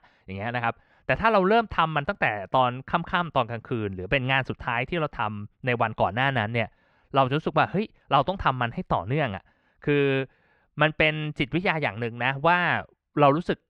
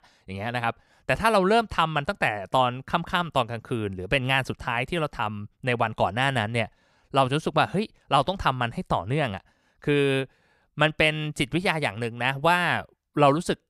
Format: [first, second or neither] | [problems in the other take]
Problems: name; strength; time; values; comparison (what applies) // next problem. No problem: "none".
second | muffled; slightly; fading above 2.5 kHz